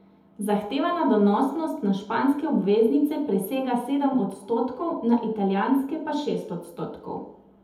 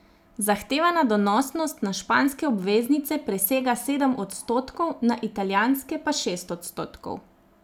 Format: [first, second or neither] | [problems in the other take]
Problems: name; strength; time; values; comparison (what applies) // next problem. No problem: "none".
second | room echo; dies away in 0.7 s